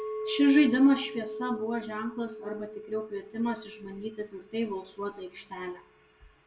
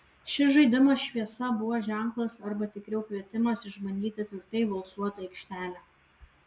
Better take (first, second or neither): second